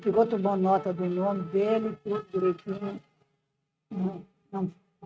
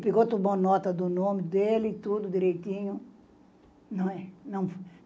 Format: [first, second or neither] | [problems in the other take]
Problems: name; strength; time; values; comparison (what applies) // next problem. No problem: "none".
second | noise reduction (neural mask model RNNoise)